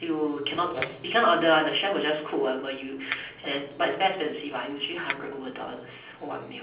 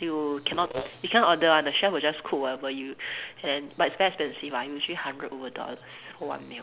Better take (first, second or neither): second